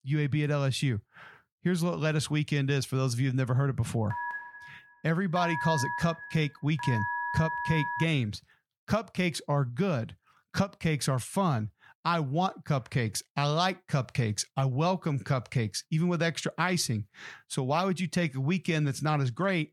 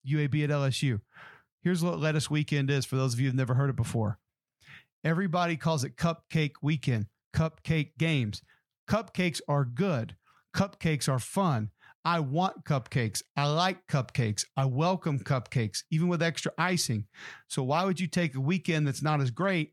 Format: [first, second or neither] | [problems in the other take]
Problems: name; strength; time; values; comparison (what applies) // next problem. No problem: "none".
second | phone ringing; noticeable; from 4 to 8 s; peak 2 dB below the speech